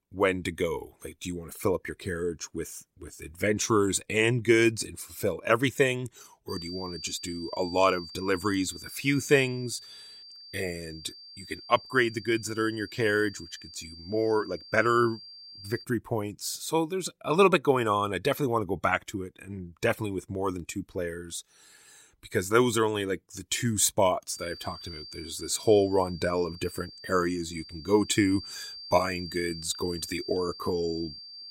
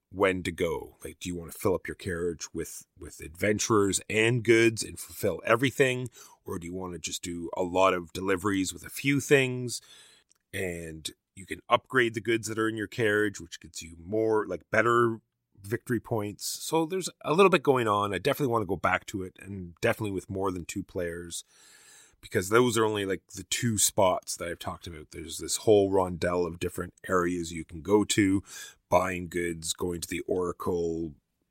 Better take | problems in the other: second | high-pitched whine; noticeable; from 6.5 to 16 s and from 24 s on; 4.5 kHz, 15 dB below the speech

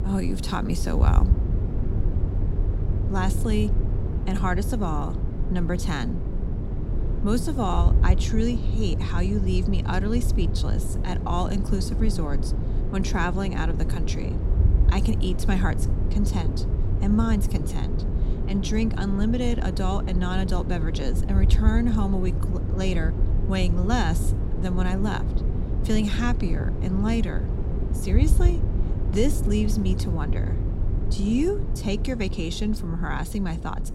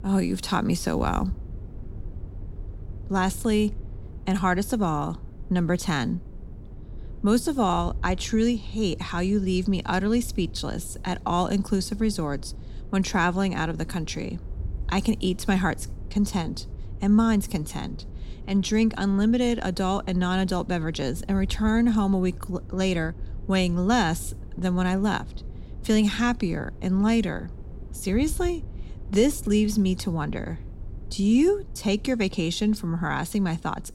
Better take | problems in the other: second | low rumble; loud; throughout; 7 dB below the speech; faint in the second

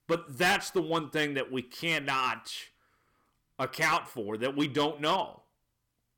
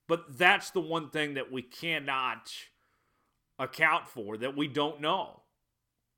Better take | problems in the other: second | distortion; heavy; 4% of the sound clipped

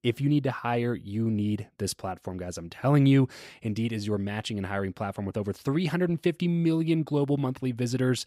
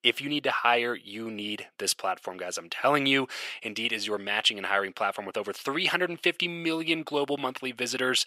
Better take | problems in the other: first | thin; very; fading below 550 Hz

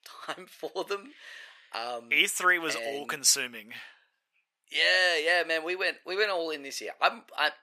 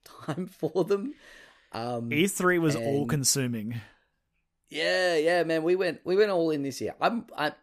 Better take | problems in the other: second | thin; very; fading below 650 Hz

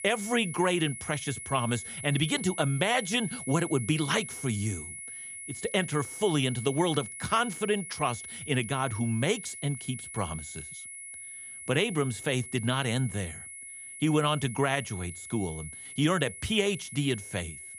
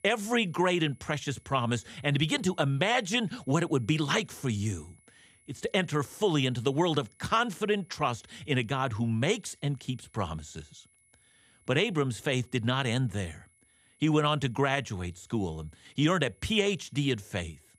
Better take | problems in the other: second | high-pitched whine; loud; throughout; 10.5 kHz, 10 dB below the speech; faint in the second

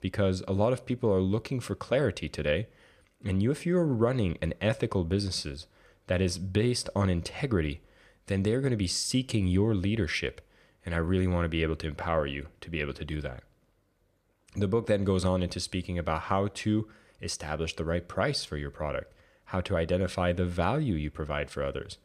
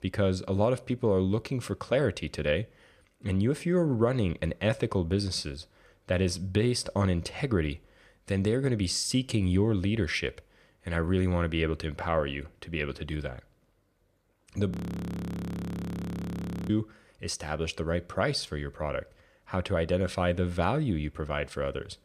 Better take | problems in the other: first | audio freezing; at 15 s for 2 s

